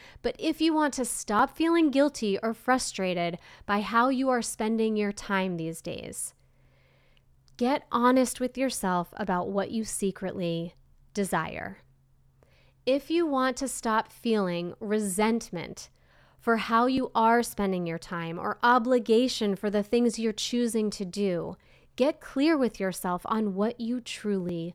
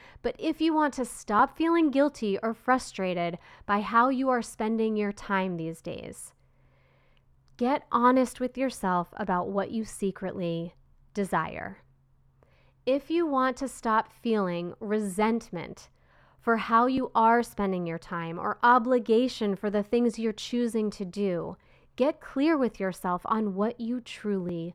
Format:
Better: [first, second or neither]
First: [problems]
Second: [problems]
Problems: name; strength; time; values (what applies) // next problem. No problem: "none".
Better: first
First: none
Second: muffled; slightly; fading above 3.5 kHz